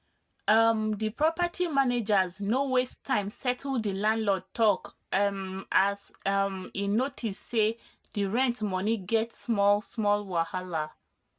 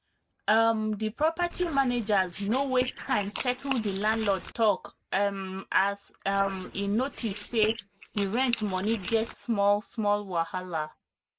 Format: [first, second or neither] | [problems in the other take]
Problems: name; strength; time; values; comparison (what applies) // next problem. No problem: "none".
first | noise reduction (neural mask model Resemble Enhance denoiser)